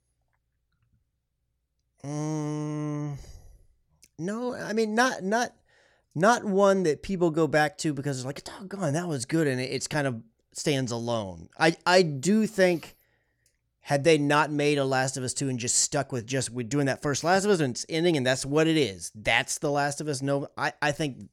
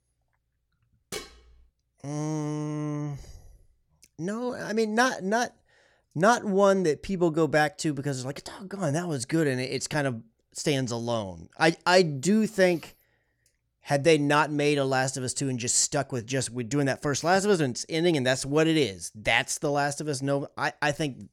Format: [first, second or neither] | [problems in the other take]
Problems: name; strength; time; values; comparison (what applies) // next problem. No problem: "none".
first | clattering dishes; faint; at 1 s; peak 10 dB below the speech